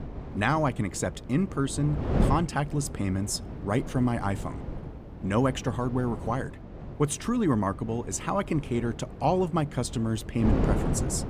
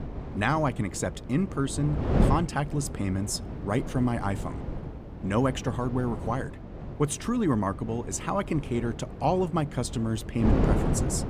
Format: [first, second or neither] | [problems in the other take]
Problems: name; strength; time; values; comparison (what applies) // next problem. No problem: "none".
first | wind noise on the microphone; heavy; 8 dB below the speech; occasional gusts in the first